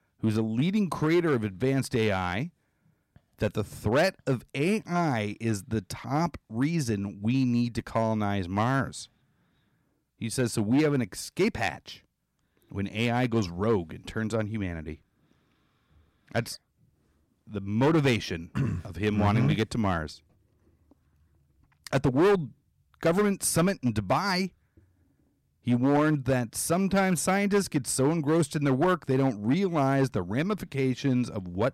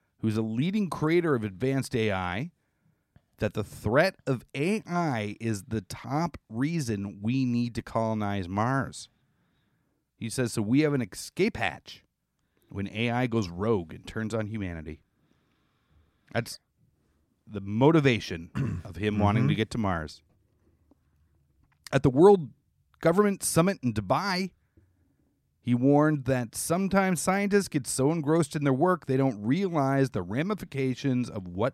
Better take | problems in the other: second | distortion; slight; 4% of the sound clipped

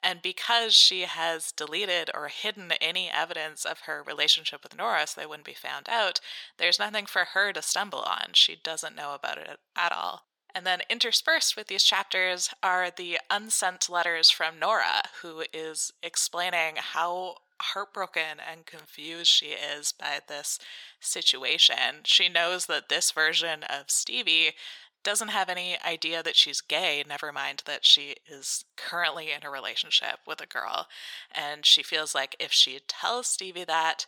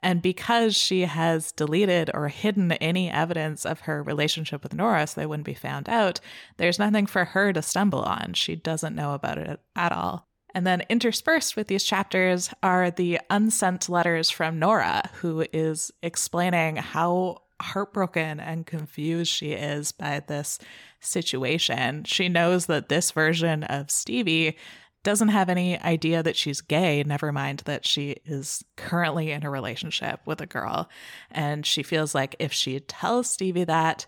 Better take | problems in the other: second | thin; very; fading below 700 Hz

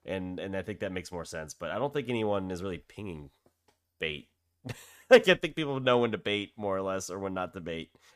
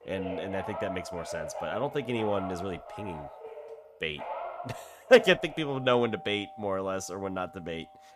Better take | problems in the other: first | alarms or sirens; noticeable; throughout; 10 dB below the speech

